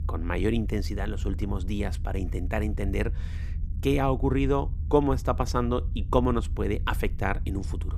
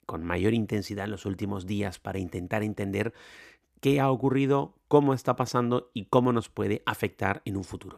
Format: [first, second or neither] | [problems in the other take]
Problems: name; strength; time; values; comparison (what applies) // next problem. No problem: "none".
second | low rumble; faint; throughout; 20 dB below the speech